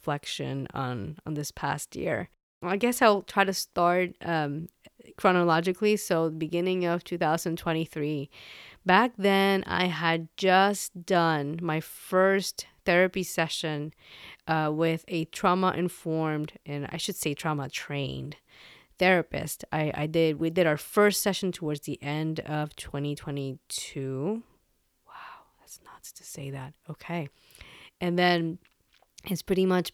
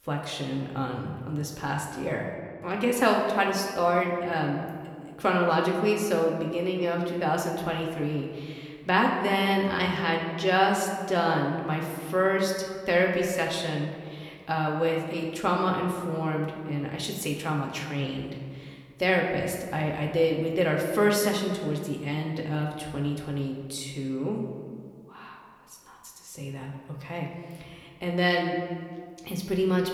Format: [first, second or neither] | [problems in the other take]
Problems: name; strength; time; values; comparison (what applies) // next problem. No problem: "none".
first | room echo; noticeable; dies away in 1.5 s // off-mic speech; somewhat distant